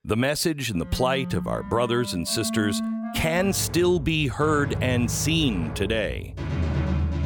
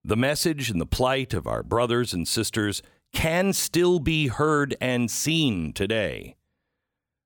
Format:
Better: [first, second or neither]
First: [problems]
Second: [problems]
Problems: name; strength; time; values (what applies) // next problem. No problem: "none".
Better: second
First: background music; loud; throughout; 7 dB below the speech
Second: none